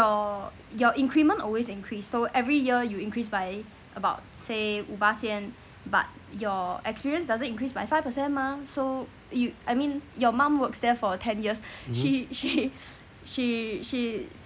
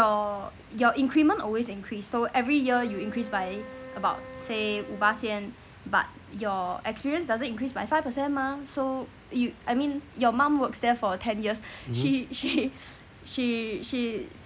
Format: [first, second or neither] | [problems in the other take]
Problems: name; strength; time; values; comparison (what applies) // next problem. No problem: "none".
first | background sound (Wind instrument, woodwind instrument); 15 dB below the speech